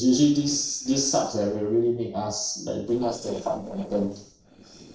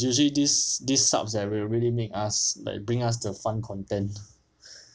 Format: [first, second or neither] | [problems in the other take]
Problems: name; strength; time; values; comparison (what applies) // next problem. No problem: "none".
second | noise reduction (neural separator model SepFormer DNS4)